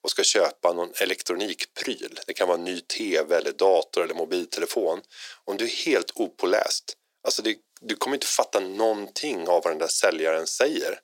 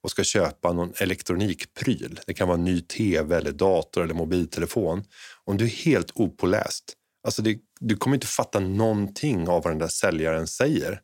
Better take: second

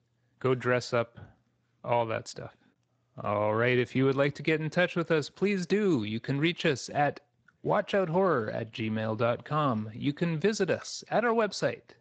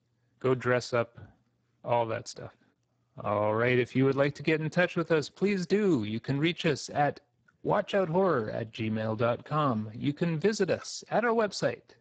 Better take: first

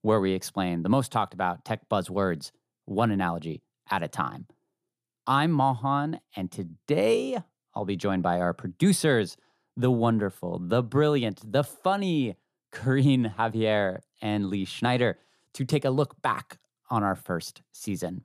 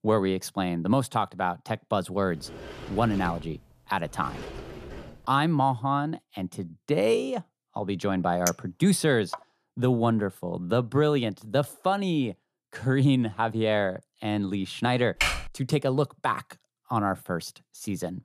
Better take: first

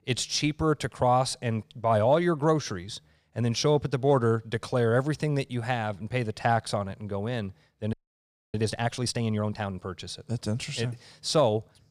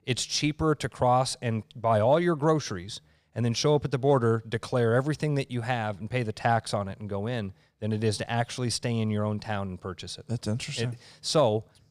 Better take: second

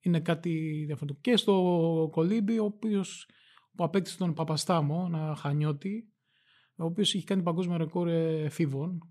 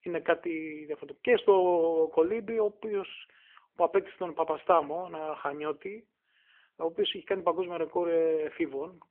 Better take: first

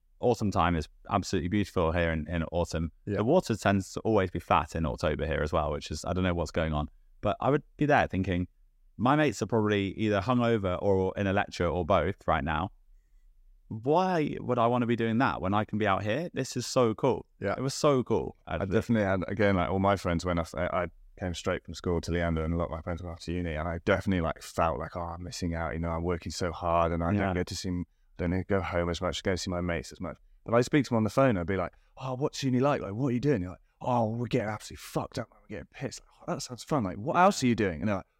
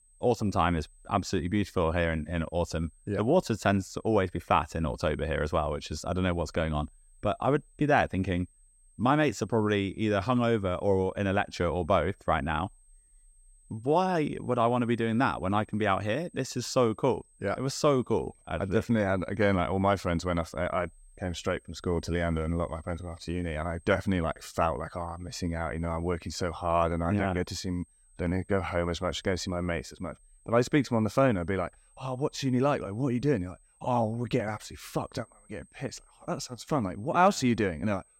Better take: first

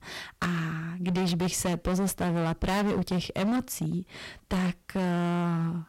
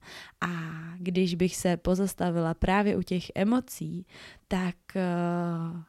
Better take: second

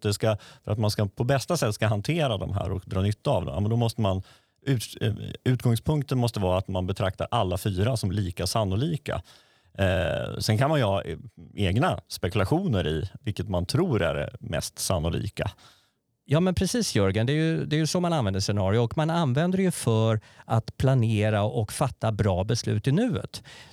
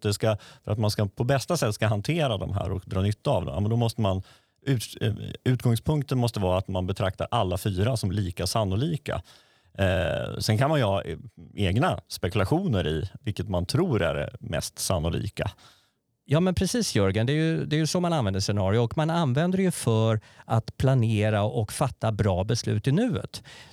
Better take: neither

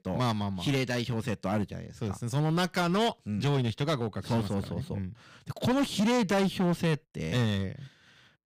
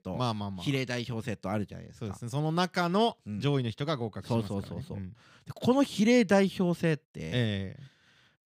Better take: second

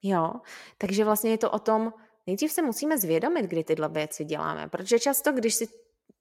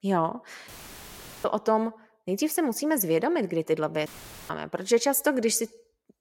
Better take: first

